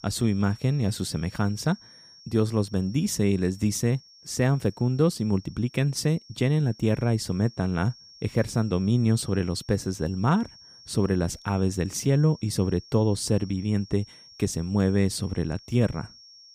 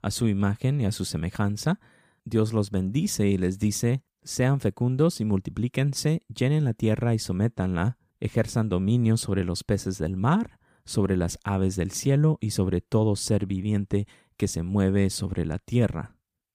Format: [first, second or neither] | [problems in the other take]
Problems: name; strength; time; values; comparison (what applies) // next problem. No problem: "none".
second | high-pitched whine; faint; throughout; 5.5 kHz, 20 dB below the speech